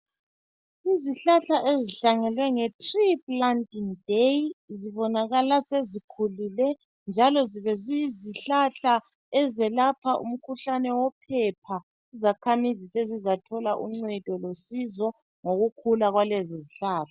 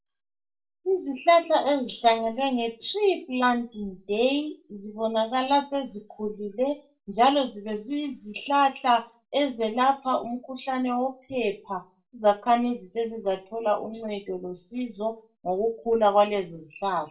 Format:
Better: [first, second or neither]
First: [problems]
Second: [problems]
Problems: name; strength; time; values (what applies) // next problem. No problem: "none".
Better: first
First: none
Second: room echo; dies away in 0.2 s